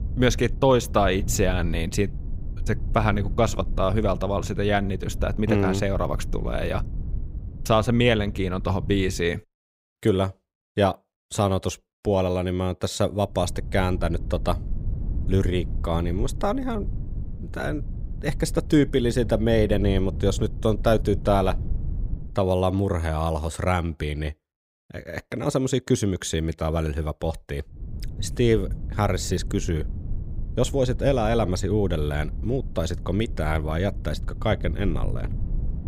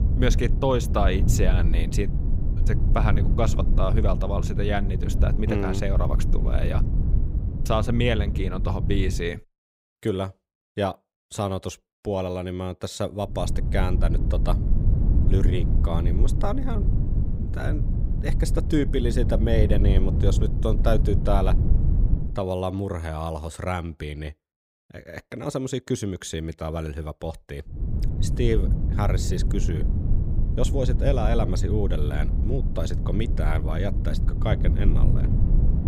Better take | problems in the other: first | low rumble; loud; until 9.5 s, from 13 to 22 s and from 28 s on; 8 dB below the speech; faint in the first

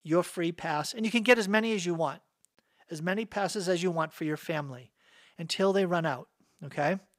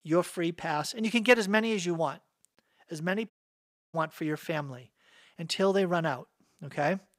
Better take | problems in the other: first | audio cutting out; at 3.5 s for 0.5 s

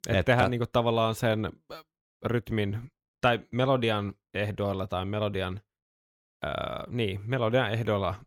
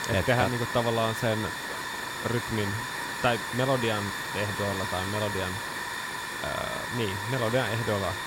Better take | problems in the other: first | hiss; loud; throughout; 3 dB below the speech

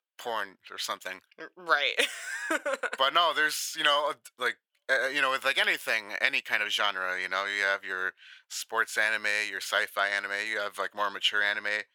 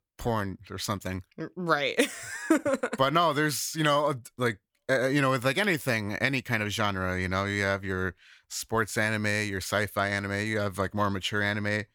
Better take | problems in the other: second | thin; very; fading below 650 Hz

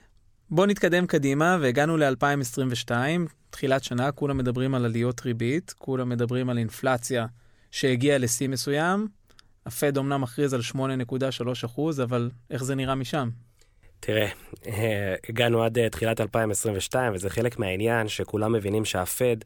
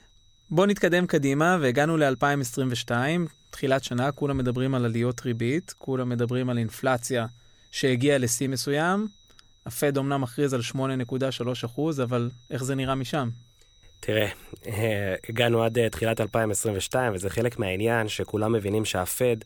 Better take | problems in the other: first | high-pitched whine; faint; throughout; 4 kHz, 30 dB below the speech

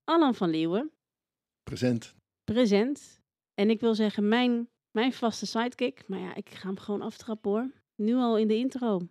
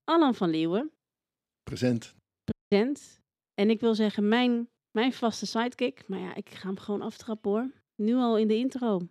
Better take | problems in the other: first | audio cutting out; at 2.5 s

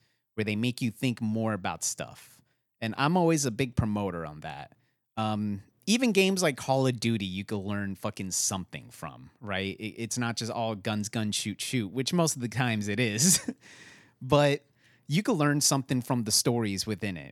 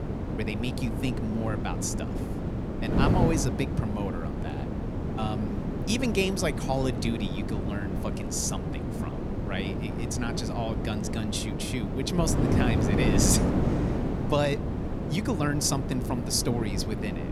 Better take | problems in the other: first | wind noise on the microphone; heavy; 3 dB below the speech

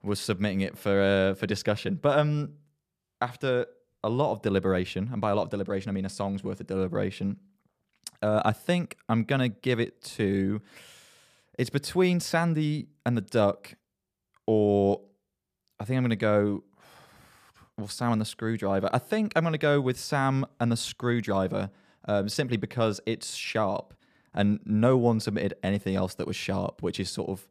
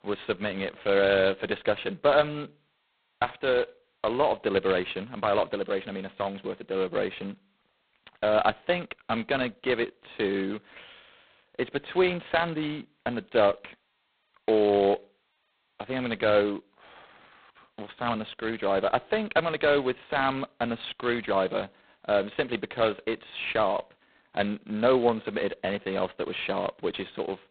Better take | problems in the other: first | phone-call audio; poor line; nothing above 4 kHz

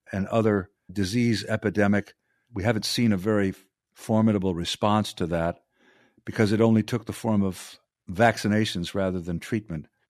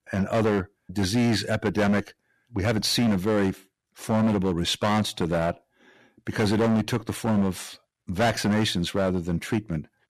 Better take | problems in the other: first | distortion; heavy; 12% of the sound clipped

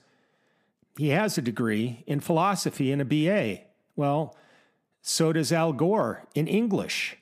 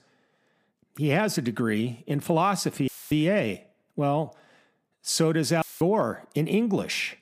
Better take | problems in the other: first | audio cutting out; filled with static; at 3 s and at 5.5 s

